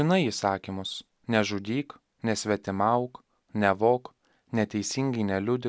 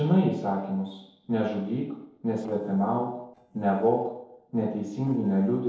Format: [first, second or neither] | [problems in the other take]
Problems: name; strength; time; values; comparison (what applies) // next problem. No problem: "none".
first | noise reduction (neural separator model SepFormer DNS4)